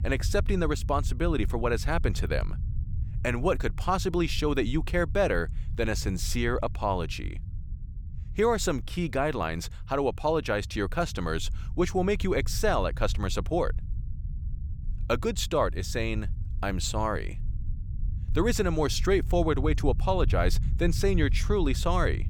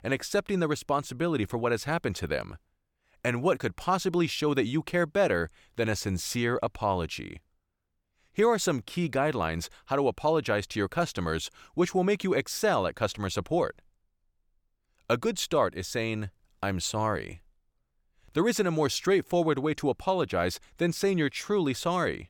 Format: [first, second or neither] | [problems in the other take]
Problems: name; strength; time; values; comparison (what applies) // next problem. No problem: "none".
second | low rumble; faint; throughout; 20 dB below the speech